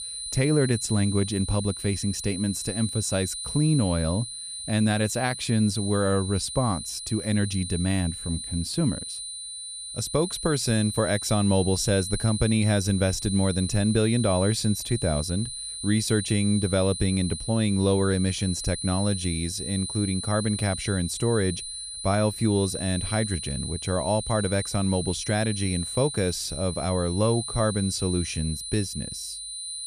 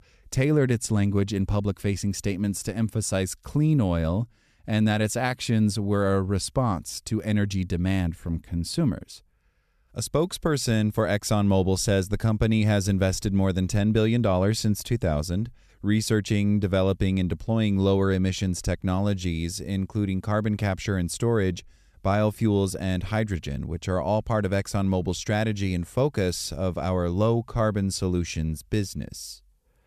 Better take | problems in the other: second | high-pitched whine; loud; throughout; 9.5 kHz, 7 dB below the speech

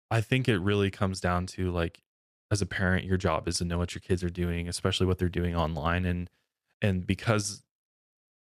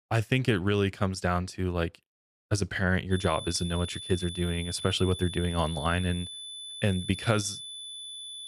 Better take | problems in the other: first | high-pitched whine; loud; from 3 s on; 3.5 kHz, 9 dB below the speech

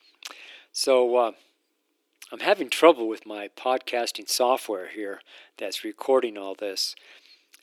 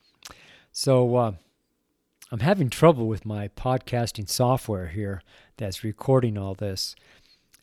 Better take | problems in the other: second | thin; very; fading below 300 Hz

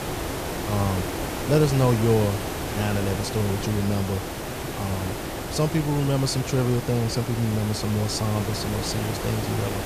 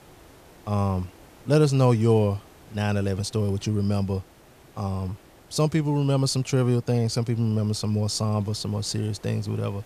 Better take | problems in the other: second | hiss; loud; throughout; 5 dB below the speech; faint in the second

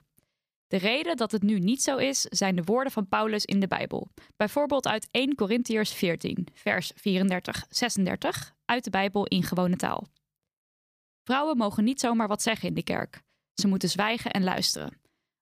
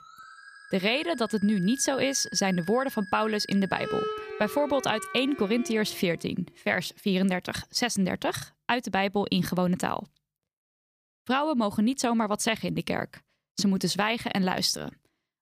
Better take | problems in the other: first | background music; noticeable; until 5.5 s; 10 dB below the speech

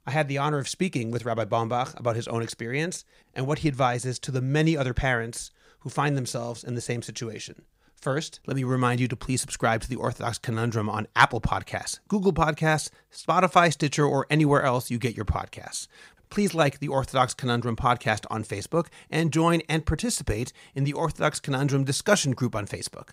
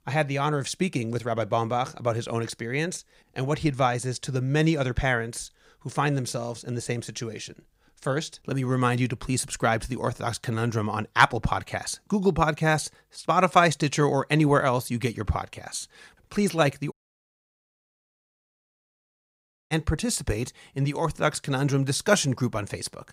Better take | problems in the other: first | audio cutting out; at 17 s for 3 s

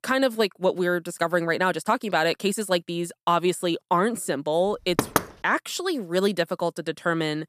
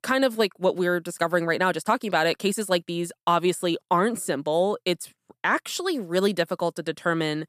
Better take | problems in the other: second | door banging; noticeable; at 5 s; peak level with the speech

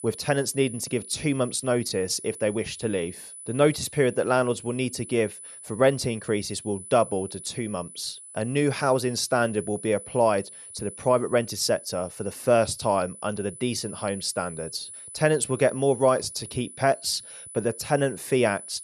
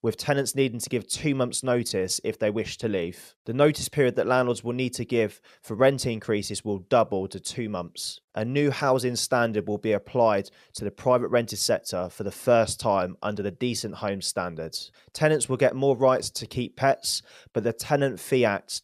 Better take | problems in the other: second | high-pitched whine; noticeable; throughout; 10 kHz, 15 dB below the speech

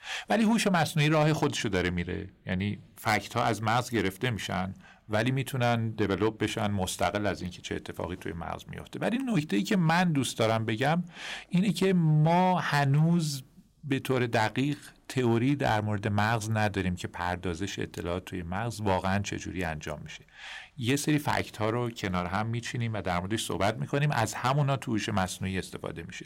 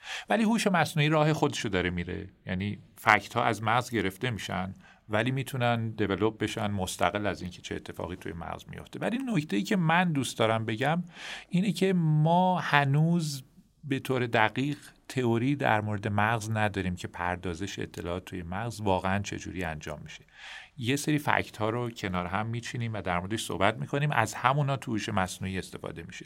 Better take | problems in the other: second | distortion; slight; 3% of the sound clipped

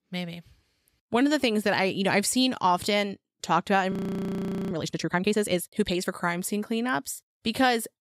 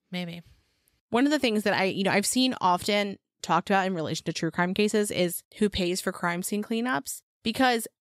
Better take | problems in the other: second | audio freezing; at 4 s for 1 s

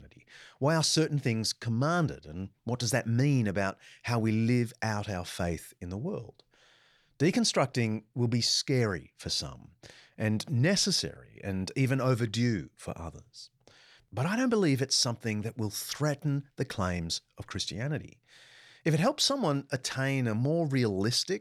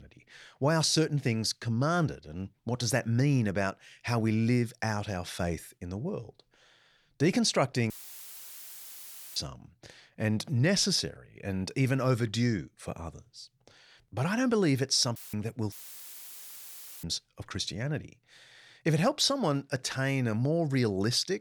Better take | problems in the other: first | audio cutting out; filled with static; at 8 s for 1.5 s, at 15 s and at 16 s for 1.5 s

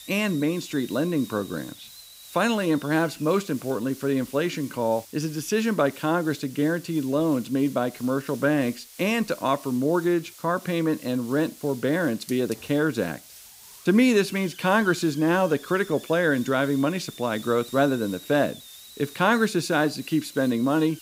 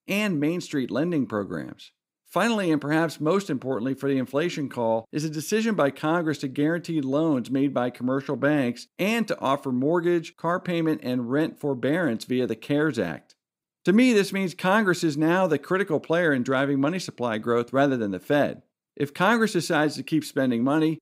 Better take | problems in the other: second | hiss; noticeable; throughout; 20 dB below the speech

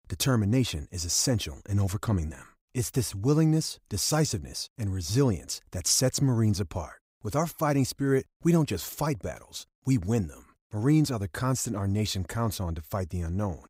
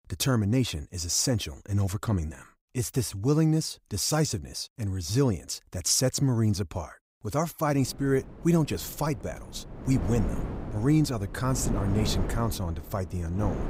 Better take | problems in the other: first | wind noise on the microphone; occasional gusts; from 7.5 s on; 10 dB below the speech

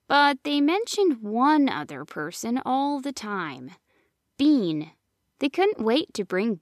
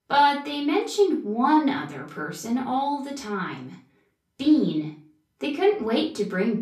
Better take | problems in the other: first | room echo; slight; dies away in 0.3 s // off-mic speech; far

